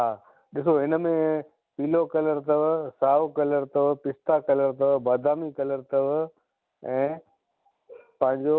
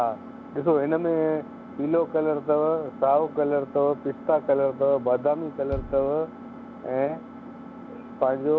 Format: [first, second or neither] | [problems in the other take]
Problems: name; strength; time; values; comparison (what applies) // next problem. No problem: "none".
first | background sound (Bass drum + Engine); 15 dB below the speech